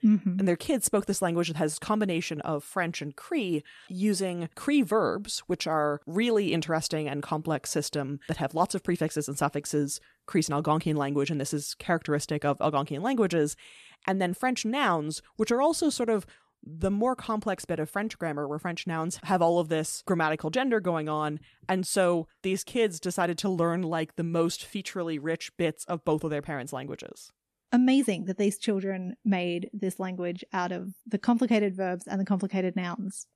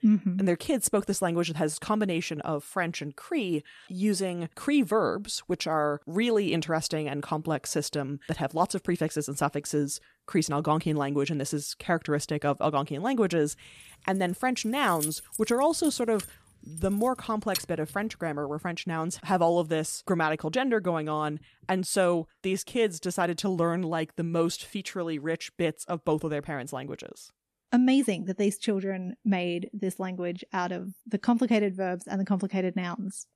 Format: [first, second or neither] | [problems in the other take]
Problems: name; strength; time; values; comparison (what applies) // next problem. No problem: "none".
first | jangling keys; noticeable; from 14 to 18 s; peak 4 dB below the speech